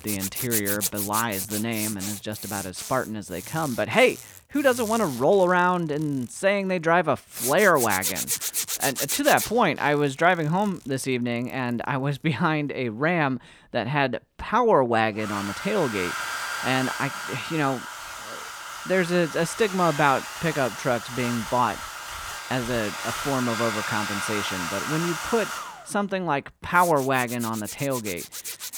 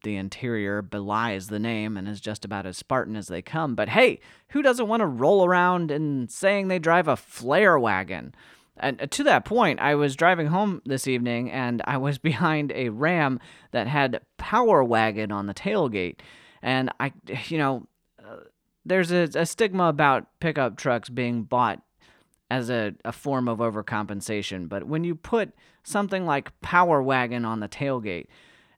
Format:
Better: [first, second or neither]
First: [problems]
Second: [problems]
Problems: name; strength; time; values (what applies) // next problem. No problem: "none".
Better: second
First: household noises; loud; throughout; 6 dB below the speech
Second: none